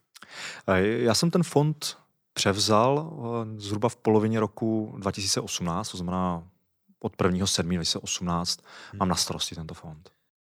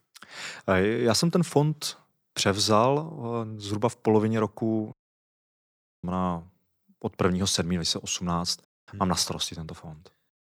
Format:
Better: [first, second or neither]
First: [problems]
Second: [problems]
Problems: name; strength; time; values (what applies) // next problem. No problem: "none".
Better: first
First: none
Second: audio cutting out; at 5 s for 1 s and at 8.5 s